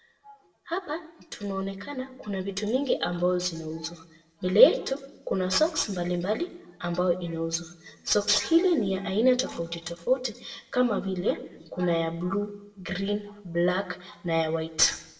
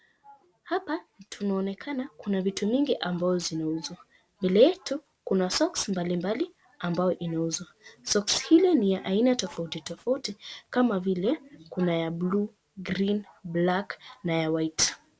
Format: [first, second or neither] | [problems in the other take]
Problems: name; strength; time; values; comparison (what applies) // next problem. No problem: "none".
second | room echo; dies away in 0.6 s